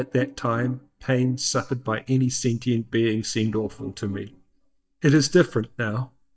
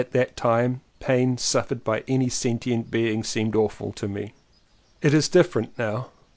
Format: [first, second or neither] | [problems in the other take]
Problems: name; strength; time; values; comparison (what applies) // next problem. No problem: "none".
second | noise reduction (neural mask model DeepFilterNet 3)